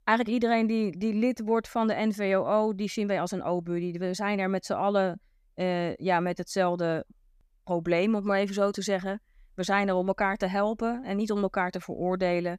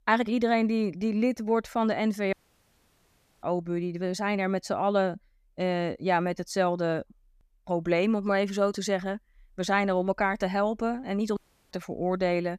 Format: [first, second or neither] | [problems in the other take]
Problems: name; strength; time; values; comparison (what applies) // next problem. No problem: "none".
first | audio cutting out; at 2.5 s for 1 s and at 11 s